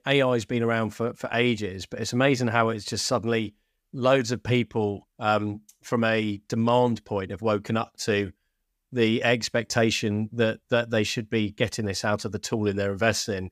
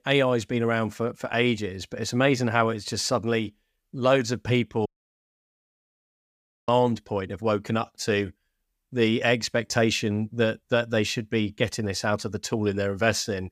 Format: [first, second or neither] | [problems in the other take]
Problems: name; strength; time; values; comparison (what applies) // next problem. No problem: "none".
first | audio cutting out; at 5 s for 2 s